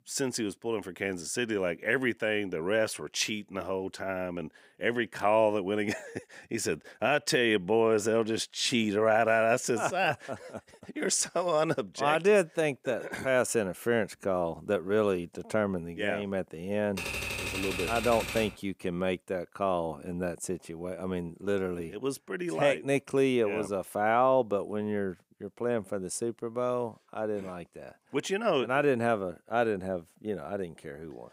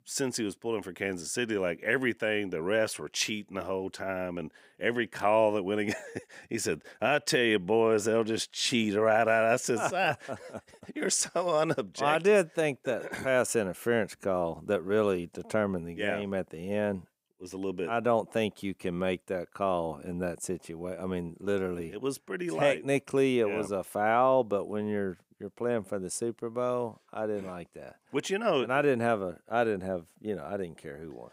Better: second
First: keyboard typing; noticeable; from 17 to 19 s; peak 3 dB below the speech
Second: none

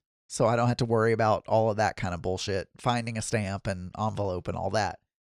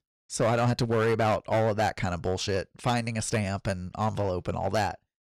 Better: first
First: none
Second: distortion; slight; 8% of the sound clipped

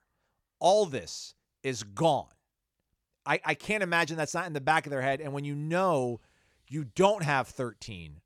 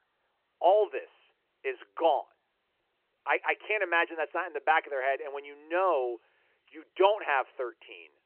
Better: first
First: none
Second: phone-call audio; nothing above 3 kHz

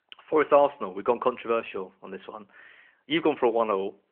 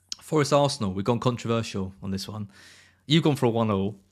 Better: second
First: phone-call audio; nothing above 3 kHz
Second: none

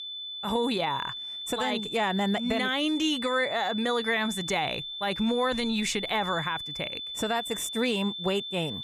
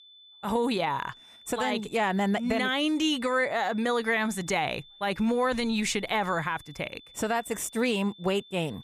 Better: second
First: high-pitched whine; loud; throughout; 3.5 kHz, 6 dB below the speech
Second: high-pitched whine; faint; throughout; 3.5 kHz, 20 dB below the speech

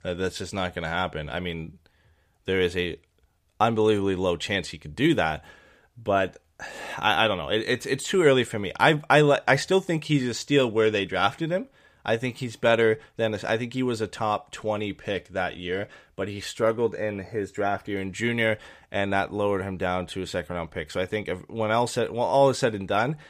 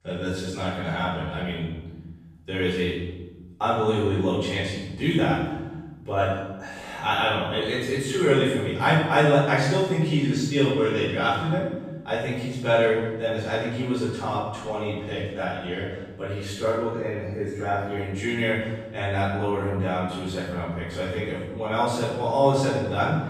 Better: first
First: none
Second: room echo; strong; dies away in 1.3 s // off-mic speech; far

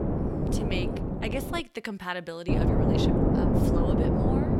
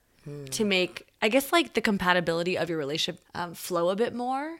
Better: second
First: wind noise on the microphone; heavy; until 1.5 s and from 2.5 s on; 5 dB above the speech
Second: none

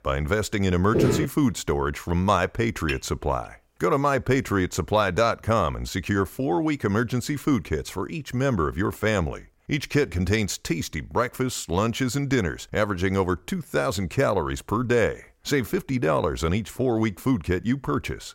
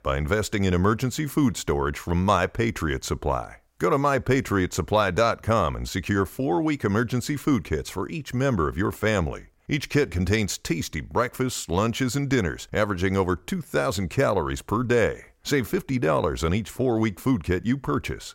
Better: second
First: footsteps; loud; at 1 s; peak 2 dB above the speech // clattering dishes; faint; at 3 s; peak 10 dB below the speech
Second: none

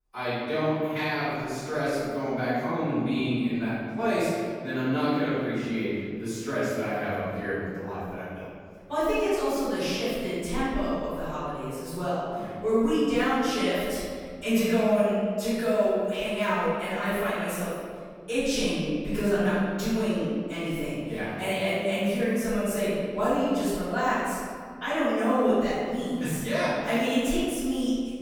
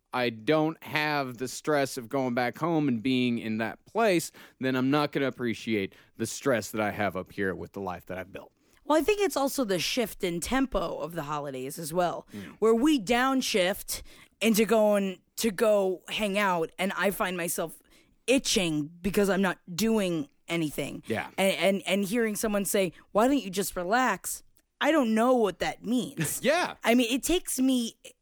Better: second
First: off-mic speech; far // room echo; strong; dies away in 2.1 s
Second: none

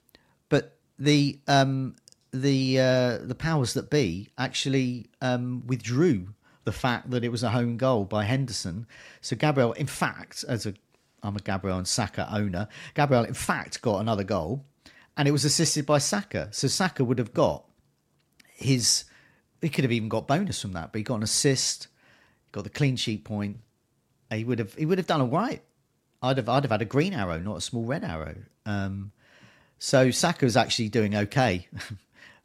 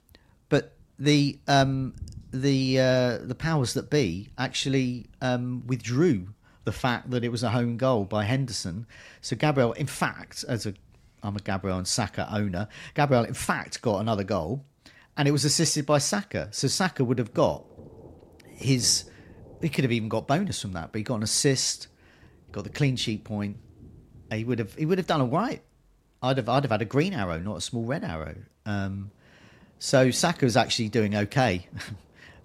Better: first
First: none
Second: rain or running water; faint; throughout; 25 dB below the speech

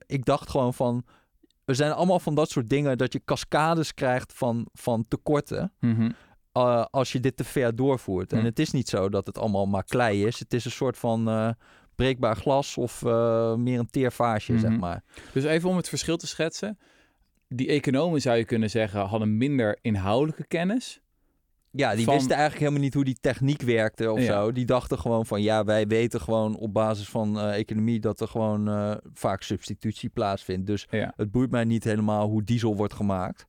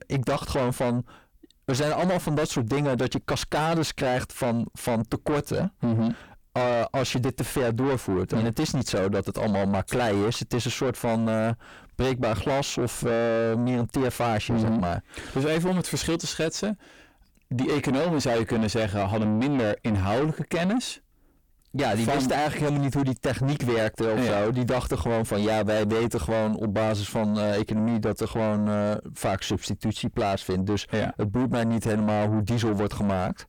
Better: first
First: none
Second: distortion; heavy; 6 dB below the speech

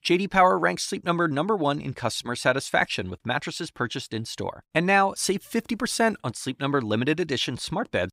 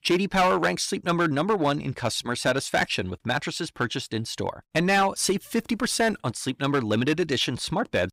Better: first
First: none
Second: distortion; slight; 5% of the sound clipped

